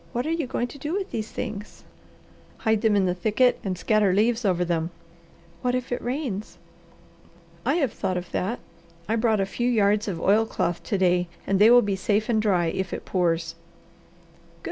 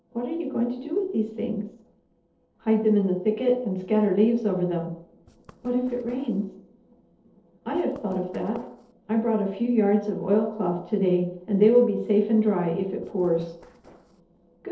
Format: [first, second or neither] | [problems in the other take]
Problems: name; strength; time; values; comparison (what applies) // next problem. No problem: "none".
first | noise reduction (neural separator model SepFormer DNS4)